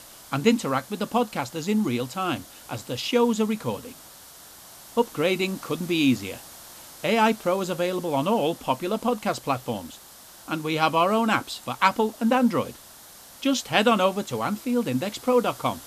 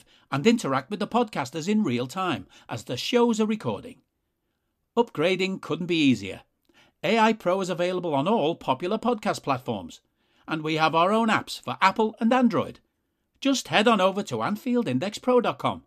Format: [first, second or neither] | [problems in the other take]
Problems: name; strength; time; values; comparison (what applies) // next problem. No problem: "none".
second | hiss; noticeable; throughout; 20 dB below the speech